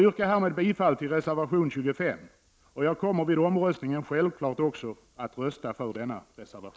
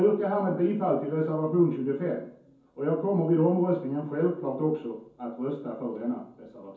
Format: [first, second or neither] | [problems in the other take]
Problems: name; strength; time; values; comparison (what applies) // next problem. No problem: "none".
first | room echo; dies away in 0.6 s